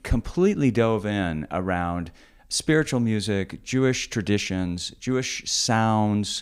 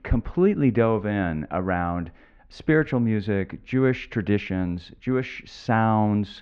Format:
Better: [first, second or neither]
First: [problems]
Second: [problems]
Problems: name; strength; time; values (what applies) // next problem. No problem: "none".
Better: first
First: none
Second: muffled; very; fading above 2.5 kHz